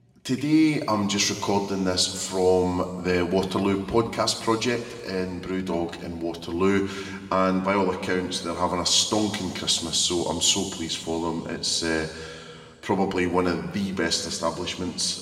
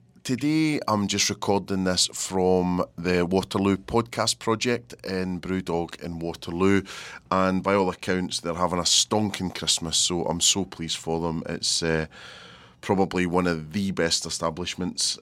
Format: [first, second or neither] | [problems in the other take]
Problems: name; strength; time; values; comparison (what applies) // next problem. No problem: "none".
second | room echo; noticeable; dies away in 1.9 s // off-mic speech; somewhat distant